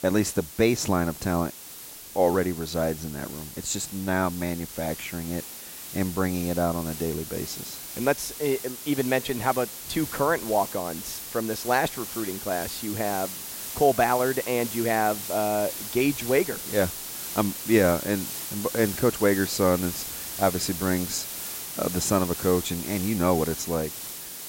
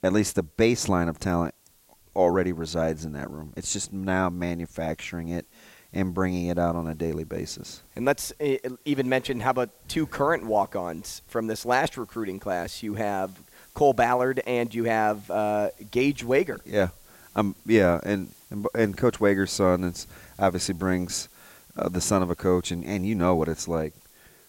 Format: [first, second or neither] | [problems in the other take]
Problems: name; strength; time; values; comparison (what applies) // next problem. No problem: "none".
second | hiss; loud; throughout; 7 dB below the speech; faint in the second